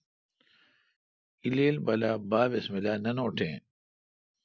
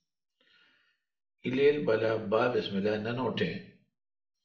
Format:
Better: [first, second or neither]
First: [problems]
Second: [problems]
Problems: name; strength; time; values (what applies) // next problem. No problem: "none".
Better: first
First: none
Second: room echo; dies away in 0.6 s